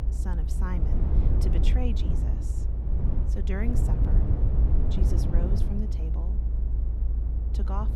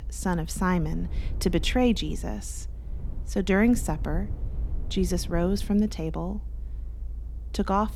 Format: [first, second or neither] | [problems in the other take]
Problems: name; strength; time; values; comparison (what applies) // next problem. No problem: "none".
second | low rumble; loud; throughout; as loud as the speech; faint in the second